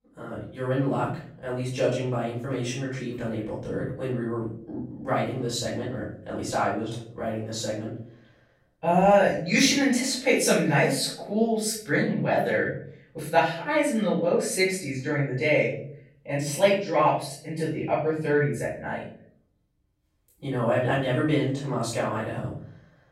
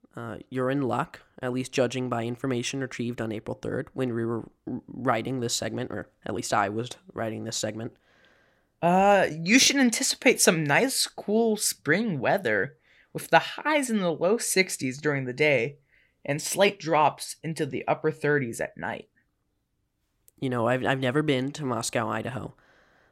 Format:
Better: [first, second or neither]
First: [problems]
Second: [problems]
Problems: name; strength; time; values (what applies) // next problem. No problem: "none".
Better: second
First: off-mic speech; far // room echo; noticeable; dies away in 0.6 s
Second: none